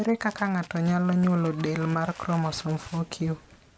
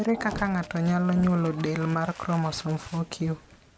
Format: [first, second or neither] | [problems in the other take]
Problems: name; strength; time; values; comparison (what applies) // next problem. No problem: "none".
first | background sound (Printer); 15 dB below the speech